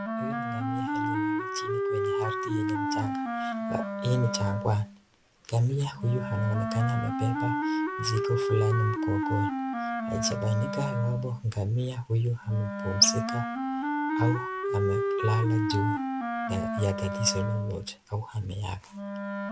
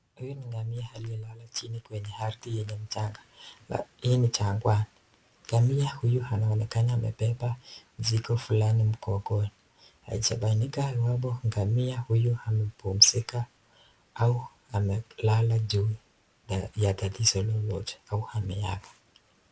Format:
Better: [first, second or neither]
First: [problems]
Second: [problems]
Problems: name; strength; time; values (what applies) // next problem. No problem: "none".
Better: second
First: background sound (Wind instrument, woodwind instrument); 1 dB below the speech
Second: none